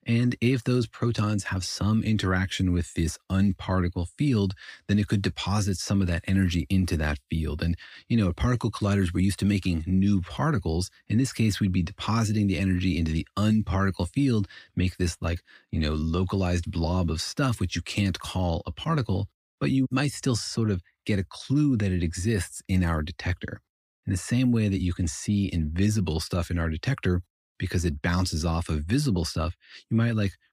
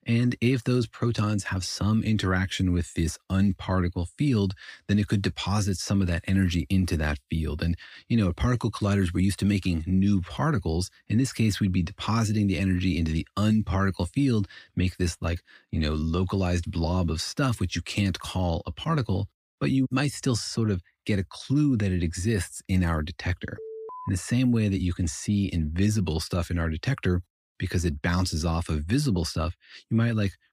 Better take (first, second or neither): first